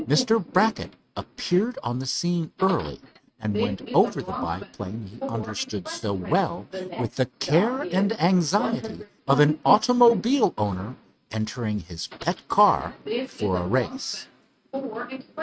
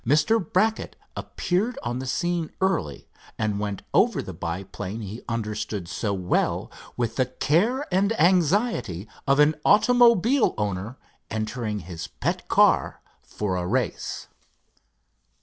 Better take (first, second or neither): second